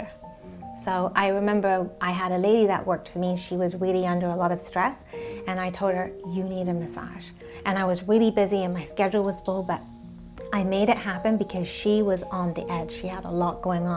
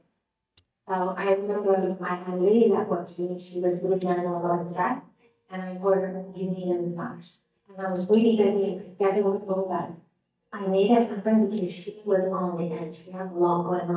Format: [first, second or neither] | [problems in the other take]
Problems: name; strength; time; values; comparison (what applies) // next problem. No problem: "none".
first | noise reduction (neural mask model DeepFilterNet 3)